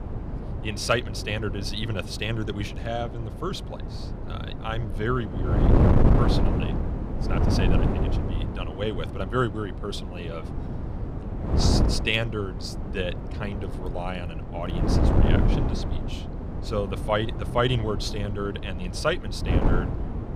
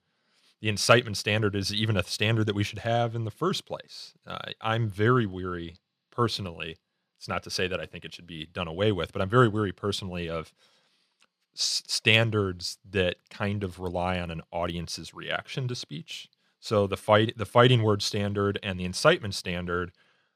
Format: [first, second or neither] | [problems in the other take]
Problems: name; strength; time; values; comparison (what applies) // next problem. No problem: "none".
second | wind noise on the microphone; heavy; 4 dB below the speech